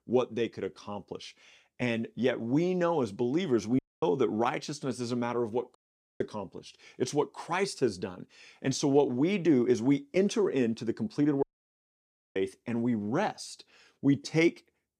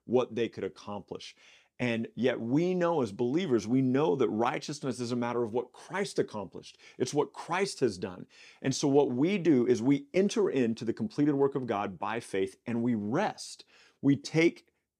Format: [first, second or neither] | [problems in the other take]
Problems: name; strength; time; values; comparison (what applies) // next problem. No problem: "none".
second | audio cutting out; at 4 s, at 6 s and at 11 s for 1 s